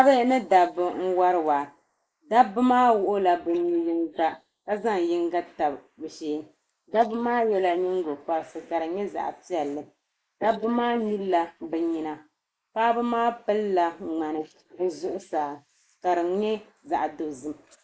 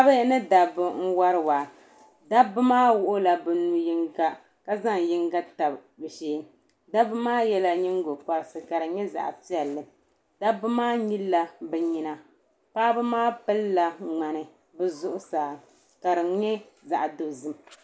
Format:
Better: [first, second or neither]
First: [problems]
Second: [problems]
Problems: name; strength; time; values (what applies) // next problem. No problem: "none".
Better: second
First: noise reduction (neural mask model Resemble Enhance denoiser)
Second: none